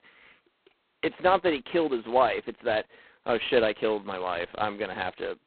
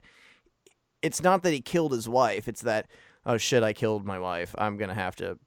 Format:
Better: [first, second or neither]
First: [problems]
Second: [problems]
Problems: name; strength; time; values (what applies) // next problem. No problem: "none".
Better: second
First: phone-call audio; poor line; nothing above 4 kHz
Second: none